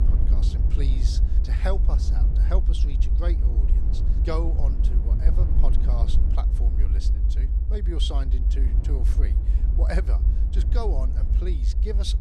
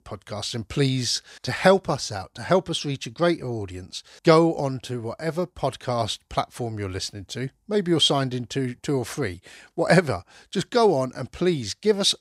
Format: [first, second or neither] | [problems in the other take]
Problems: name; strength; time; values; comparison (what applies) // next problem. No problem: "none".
second | low rumble; loud; throughout; 5 dB below the speech